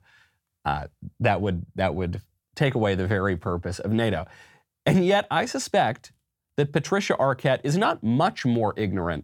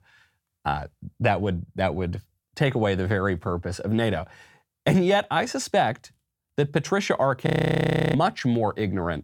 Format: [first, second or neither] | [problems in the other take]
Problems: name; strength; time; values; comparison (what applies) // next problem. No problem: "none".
first | audio freezing; at 7.5 s for 0.5 s